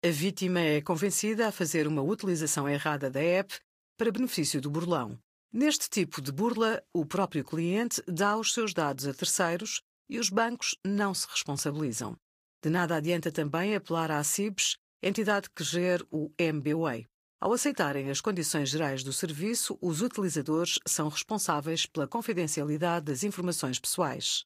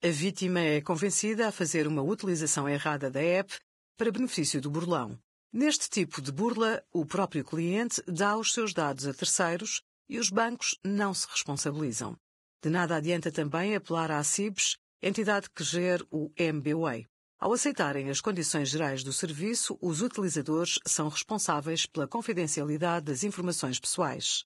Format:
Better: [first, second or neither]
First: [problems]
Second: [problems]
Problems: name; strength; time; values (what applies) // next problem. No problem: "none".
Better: first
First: garbled, watery; slightly; nothing above 15 kHz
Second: garbled, watery; badly; nothing above 10.5 kHz